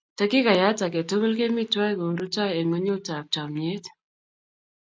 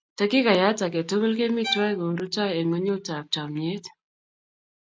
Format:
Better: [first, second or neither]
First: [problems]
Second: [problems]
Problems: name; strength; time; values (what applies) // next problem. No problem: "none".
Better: first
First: none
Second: background sound (Bowed string instrument); 12 dB below the speech